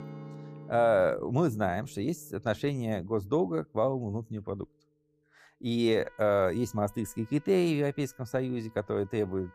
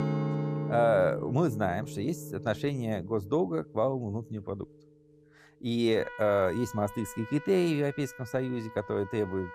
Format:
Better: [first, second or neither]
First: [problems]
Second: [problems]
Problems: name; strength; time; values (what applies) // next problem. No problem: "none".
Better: first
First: background music; faint; throughout; 25 dB below the speech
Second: background music; loud; throughout; 9 dB below the speech